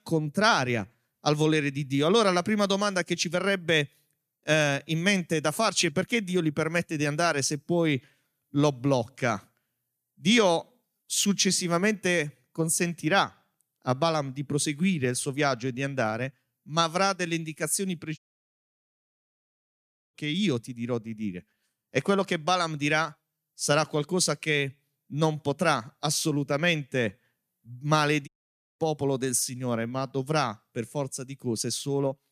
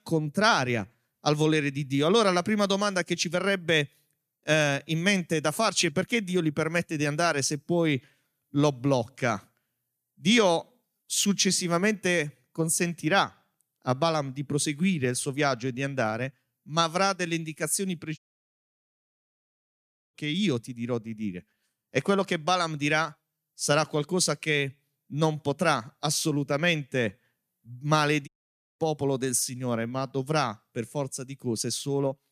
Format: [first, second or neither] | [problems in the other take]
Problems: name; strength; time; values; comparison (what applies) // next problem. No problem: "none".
neither | audio cutting out; at 18 s for 2 s and at 28 s for 0.5 s; the same in both